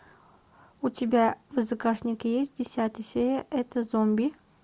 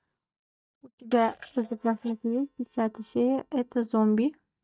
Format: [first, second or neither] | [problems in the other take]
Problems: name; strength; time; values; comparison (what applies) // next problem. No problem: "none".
first | noise reduction (neural mask model DeepFilterNet 3)